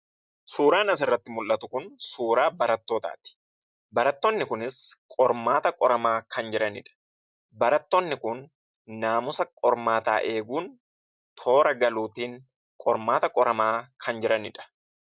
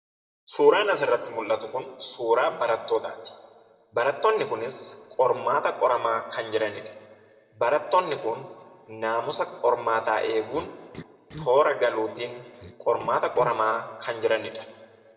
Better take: first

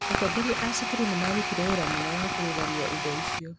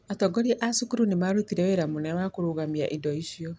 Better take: second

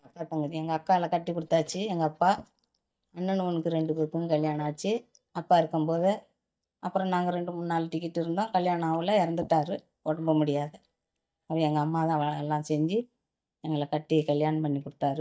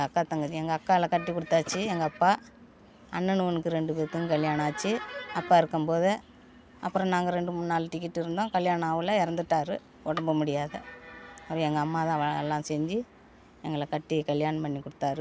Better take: second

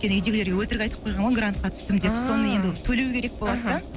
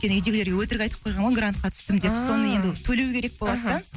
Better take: second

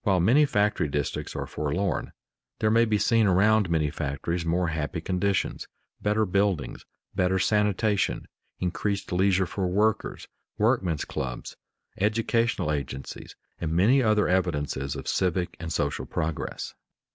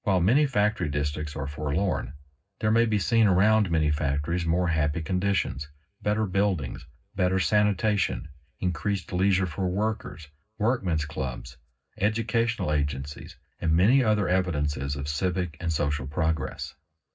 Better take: first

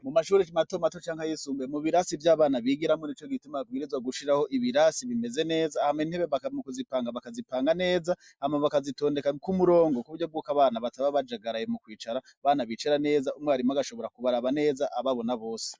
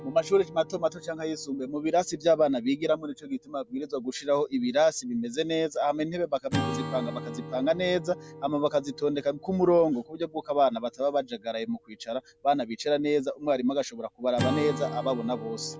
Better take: first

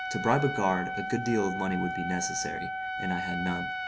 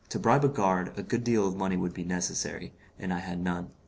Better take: second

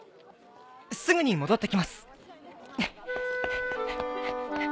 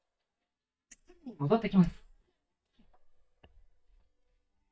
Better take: first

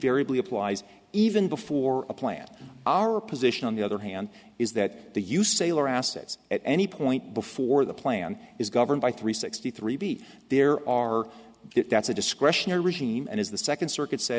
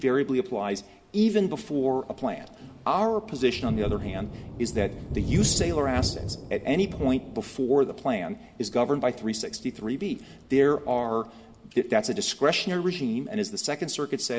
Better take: first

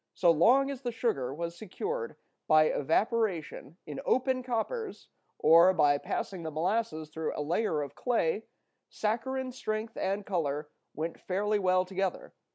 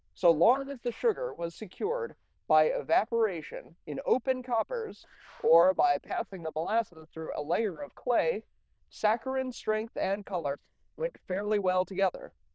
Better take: first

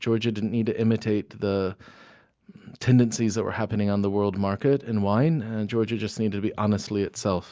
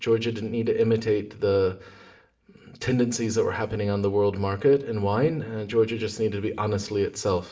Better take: first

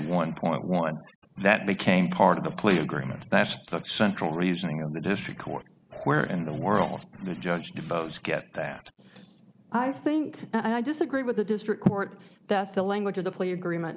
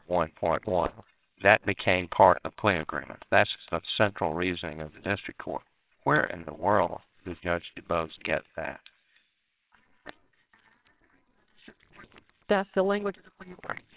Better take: first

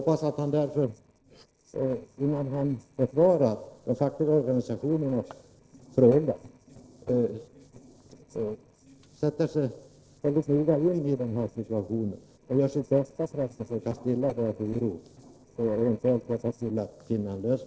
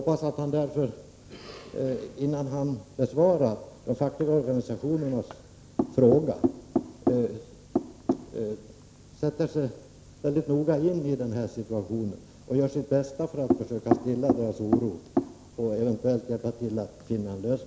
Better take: second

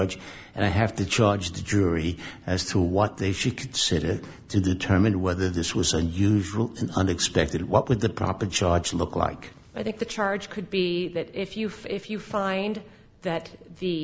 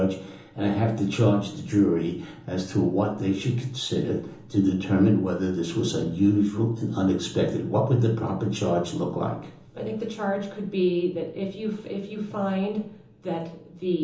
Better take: first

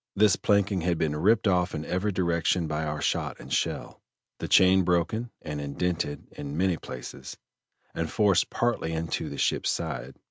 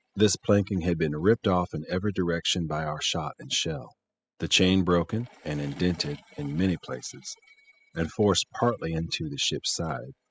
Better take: first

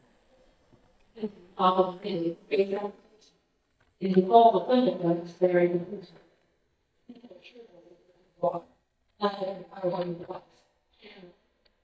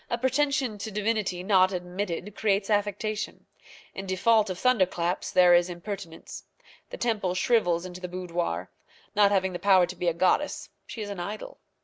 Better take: second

